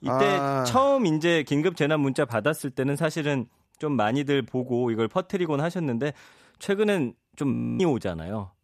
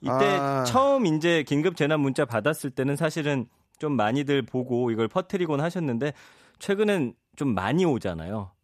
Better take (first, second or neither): second